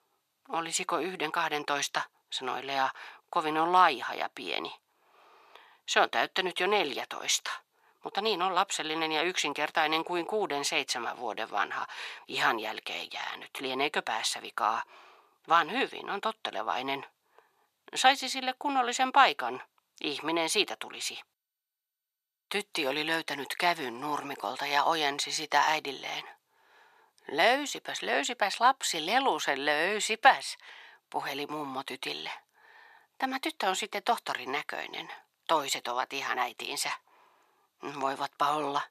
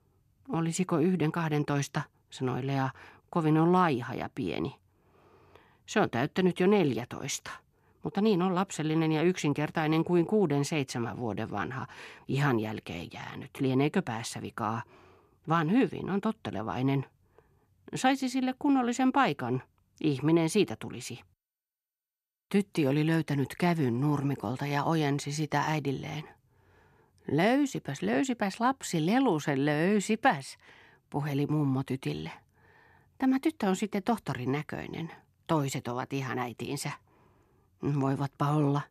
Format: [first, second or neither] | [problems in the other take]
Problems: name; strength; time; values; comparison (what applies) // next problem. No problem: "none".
second | thin; very; fading below 750 Hz